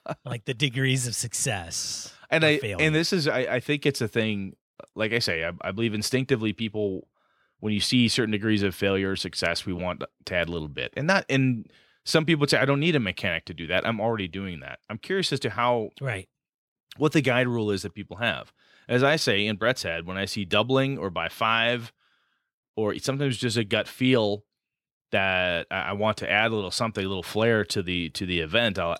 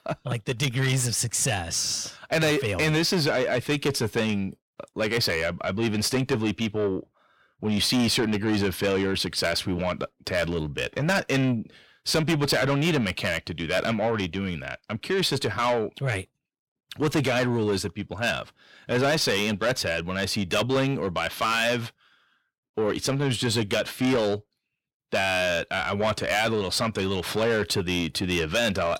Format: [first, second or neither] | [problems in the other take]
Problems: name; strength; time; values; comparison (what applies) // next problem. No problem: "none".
first | distortion; heavy; 7 dB below the speech